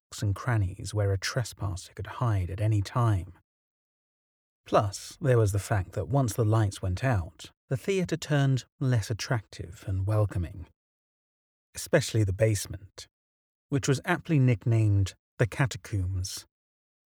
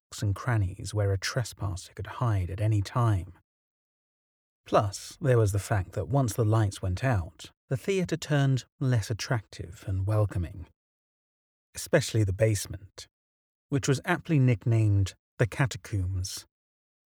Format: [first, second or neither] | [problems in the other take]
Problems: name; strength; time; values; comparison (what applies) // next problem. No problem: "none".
neither | none